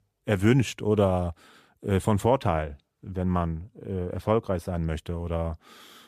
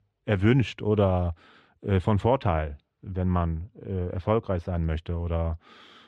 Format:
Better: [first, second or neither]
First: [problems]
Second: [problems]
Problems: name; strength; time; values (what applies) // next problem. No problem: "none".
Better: first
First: none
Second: muffled; slightly; fading above 3 kHz